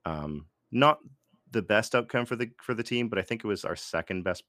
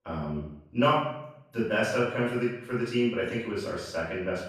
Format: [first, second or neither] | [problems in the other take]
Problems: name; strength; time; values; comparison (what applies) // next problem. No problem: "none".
first | off-mic speech; far // room echo; noticeable; dies away in 0.7 s